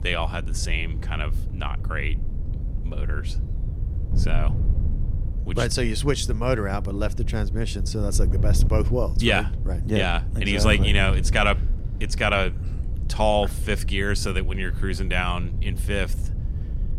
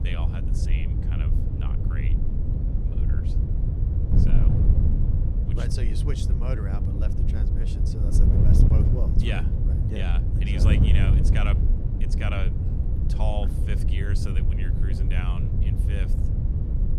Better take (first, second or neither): first